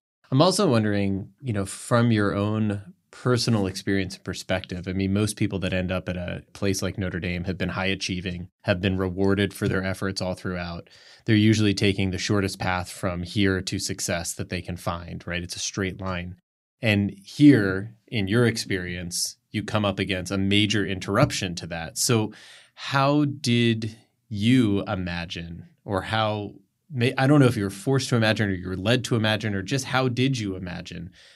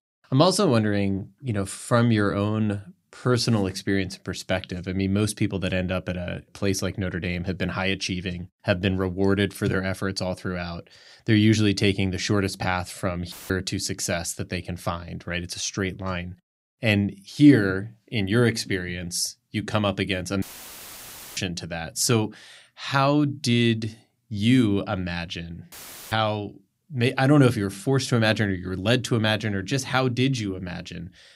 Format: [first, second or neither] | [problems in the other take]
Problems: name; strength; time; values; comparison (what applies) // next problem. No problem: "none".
first | audio cutting out; filled with static; at 13 s, at 20 s for 1 s and at 26 s